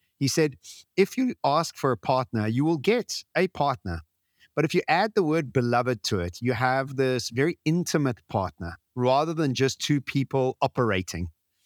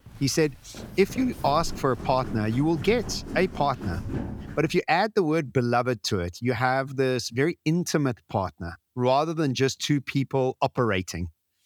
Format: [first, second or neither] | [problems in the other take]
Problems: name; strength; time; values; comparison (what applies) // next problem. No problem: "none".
first | footsteps; noticeable; until 5 s; peak 7 dB below the speech